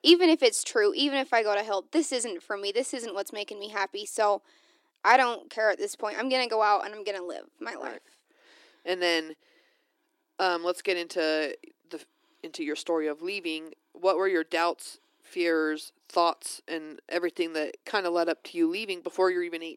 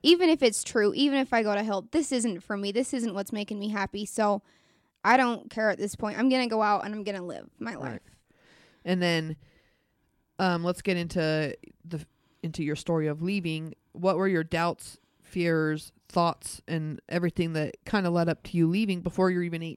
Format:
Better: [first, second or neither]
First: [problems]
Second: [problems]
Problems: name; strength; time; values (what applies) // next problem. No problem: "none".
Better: second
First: thin; somewhat; fading below 300 Hz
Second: none